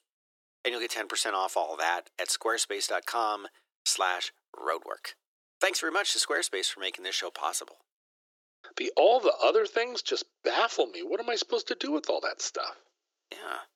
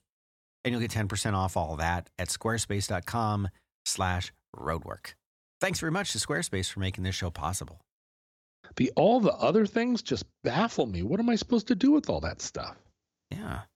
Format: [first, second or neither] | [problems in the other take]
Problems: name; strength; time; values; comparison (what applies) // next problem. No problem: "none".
second | thin; very; fading below 350 Hz